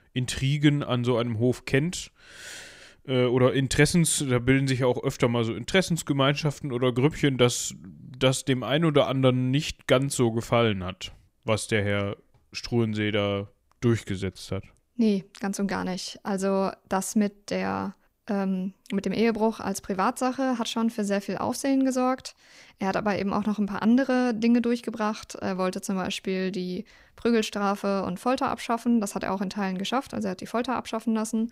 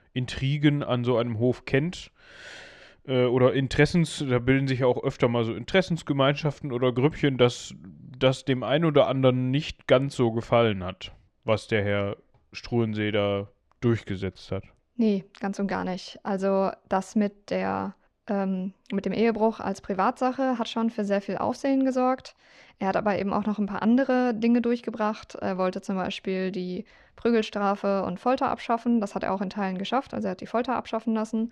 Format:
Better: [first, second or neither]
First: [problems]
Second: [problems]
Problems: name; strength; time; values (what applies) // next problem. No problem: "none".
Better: first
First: none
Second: muffled; slightly; fading above 4 kHz